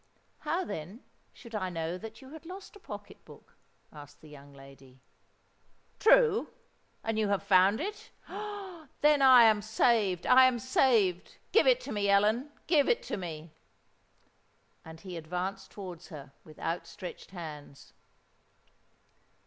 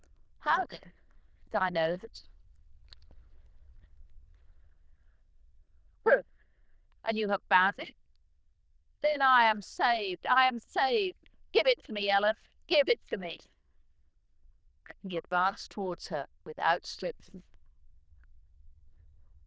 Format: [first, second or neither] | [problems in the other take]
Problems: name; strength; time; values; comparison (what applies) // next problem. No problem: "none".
first | noise reduction (neural diffusion model UNIVERSE++)